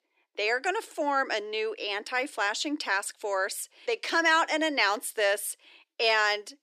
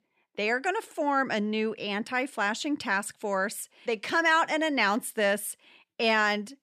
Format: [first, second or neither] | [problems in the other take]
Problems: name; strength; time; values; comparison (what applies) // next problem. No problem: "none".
second | thin; somewhat; fading below 300 Hz